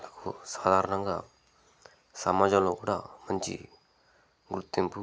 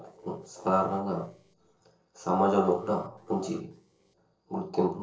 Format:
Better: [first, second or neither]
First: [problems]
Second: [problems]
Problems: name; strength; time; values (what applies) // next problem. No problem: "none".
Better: first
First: none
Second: noise reduction (neural separator model SepFormer DNS4)